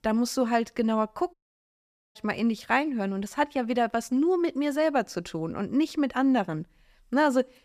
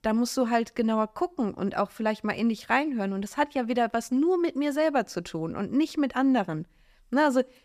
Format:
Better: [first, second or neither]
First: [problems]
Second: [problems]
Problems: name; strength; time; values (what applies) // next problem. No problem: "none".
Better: second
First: audio cutting out; at 1.5 s for 1 s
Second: none